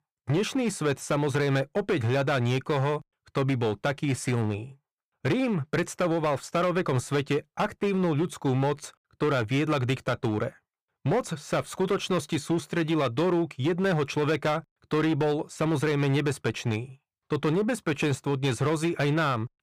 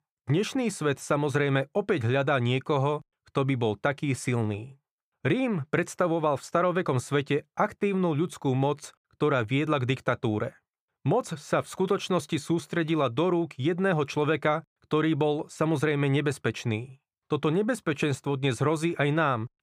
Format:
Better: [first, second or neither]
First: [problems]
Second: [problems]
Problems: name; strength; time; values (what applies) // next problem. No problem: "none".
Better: second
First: distortion; slight; 10% of the sound clipped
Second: none